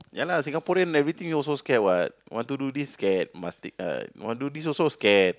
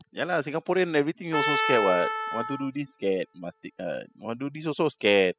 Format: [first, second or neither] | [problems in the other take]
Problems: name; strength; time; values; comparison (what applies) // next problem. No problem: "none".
first | noise reduction (classical method spectral subtraction)